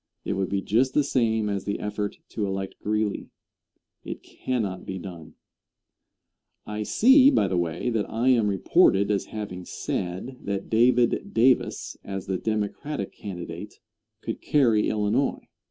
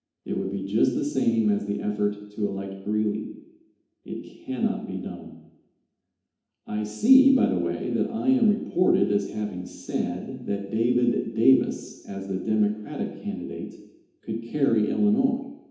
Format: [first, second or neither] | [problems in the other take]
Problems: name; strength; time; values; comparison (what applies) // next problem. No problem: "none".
first | room echo; dies away in 0.8 s